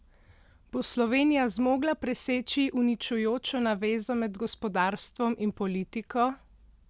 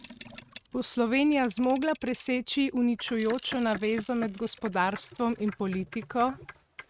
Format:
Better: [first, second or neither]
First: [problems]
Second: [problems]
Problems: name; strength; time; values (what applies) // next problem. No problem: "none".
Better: first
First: none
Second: noise reduction (neural mask model RNNoise)